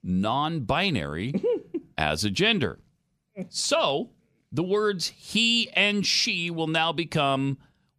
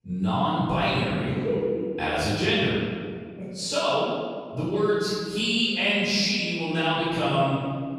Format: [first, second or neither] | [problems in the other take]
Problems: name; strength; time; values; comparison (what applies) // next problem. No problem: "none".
first | room echo; strong; dies away in 1.8 s // off-mic speech; far